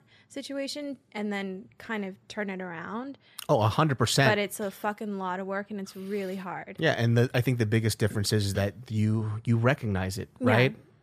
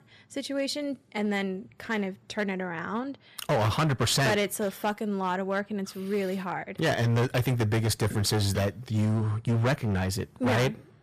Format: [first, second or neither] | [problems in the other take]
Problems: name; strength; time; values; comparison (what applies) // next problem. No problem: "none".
first | distortion; heavy; 11% of the sound clipped